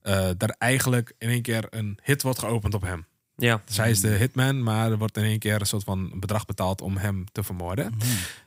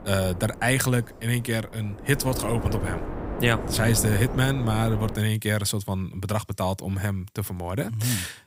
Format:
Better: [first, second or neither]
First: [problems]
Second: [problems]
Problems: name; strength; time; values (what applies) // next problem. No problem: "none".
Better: first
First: none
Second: wind noise on the microphone; heavy; until 5 s; 8 dB below the speech